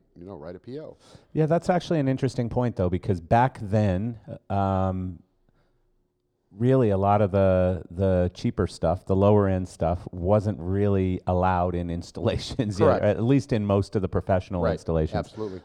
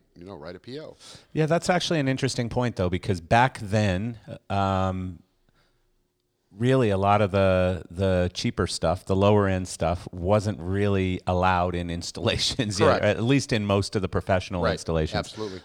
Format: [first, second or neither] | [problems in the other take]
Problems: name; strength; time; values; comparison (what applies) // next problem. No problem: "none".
second | muffled; slightly; fading above 1.5 kHz